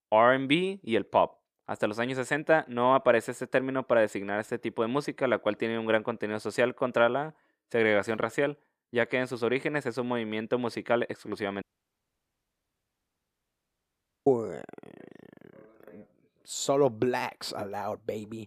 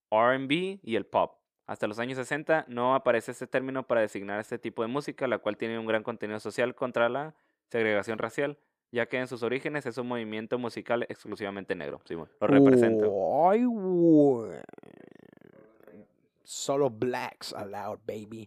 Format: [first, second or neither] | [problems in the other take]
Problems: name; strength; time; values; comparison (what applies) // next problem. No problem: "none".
second | audio cutting out; at 12 s for 2.5 s